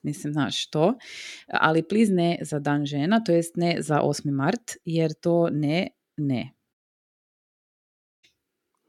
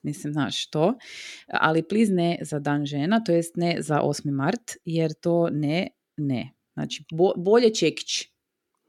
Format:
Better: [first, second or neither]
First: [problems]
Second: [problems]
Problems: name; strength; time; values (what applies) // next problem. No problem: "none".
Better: second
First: audio cutting out; at 6.5 s for 1.5 s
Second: none